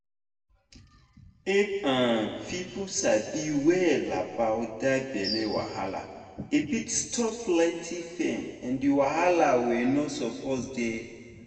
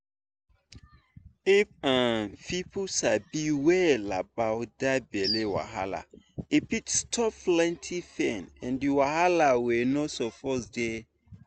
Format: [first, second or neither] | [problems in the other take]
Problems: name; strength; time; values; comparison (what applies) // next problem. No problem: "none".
second | room echo; dies away in 1.7 s